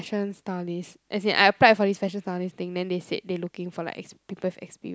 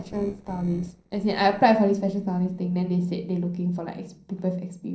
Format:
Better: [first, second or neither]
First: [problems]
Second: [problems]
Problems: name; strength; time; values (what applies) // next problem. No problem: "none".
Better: first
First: none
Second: noise reduction (neural separator model SepFormer DNS4)